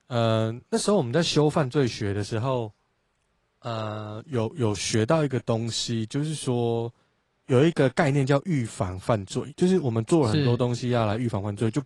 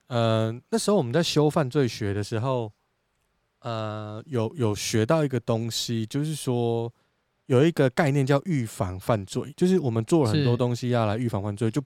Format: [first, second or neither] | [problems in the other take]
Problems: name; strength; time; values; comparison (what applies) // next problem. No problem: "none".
second | garbled, watery; slightly; nothing above 10 kHz